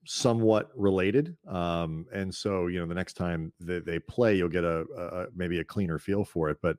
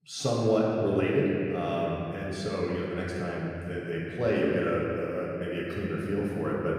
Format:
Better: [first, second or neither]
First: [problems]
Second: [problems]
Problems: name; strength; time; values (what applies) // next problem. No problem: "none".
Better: first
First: none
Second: room echo; strong; dies away in 2.9 s // off-mic speech; far